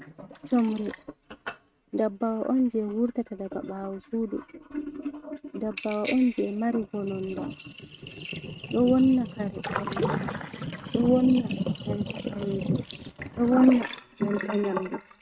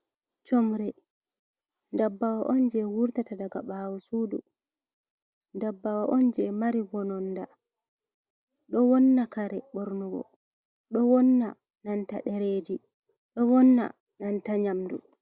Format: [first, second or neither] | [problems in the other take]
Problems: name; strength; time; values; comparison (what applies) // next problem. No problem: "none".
second | noise reduction (neural mask model RNNoise)